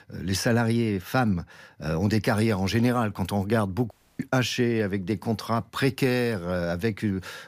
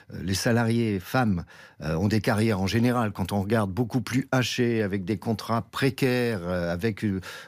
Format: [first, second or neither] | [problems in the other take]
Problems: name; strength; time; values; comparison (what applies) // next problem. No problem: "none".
second | audio cutting out; at 4 s